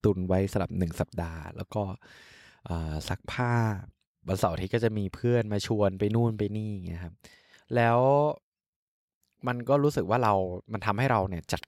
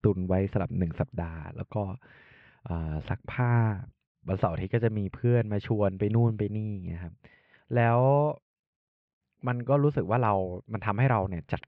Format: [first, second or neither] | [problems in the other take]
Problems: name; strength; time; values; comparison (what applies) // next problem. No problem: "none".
first | muffled; very; fading above 2.5 kHz